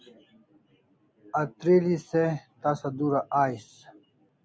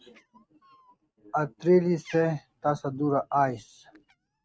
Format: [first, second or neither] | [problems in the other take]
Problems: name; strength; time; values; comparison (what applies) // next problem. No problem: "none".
first | noise reduction (neural mask model RNNoise)